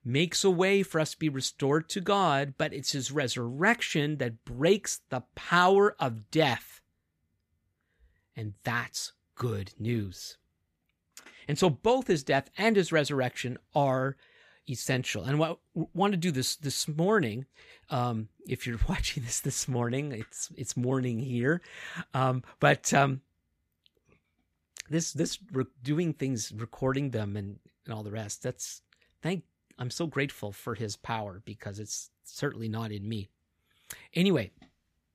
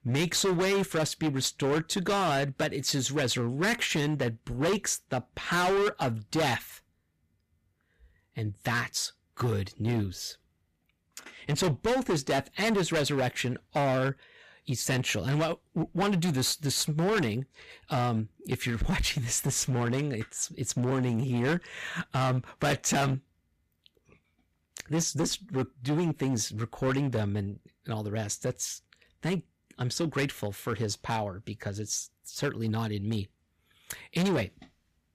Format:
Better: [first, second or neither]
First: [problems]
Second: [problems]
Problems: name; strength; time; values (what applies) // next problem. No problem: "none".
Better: first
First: none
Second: distortion; heavy; 12% of the sound clipped